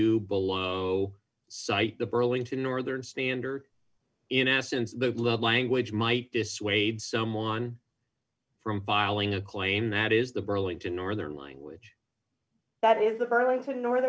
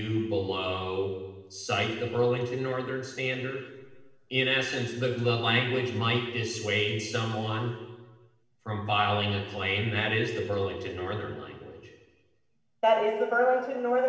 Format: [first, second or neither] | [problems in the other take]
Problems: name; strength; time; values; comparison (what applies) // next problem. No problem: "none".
first | room echo; dies away in 1.2 s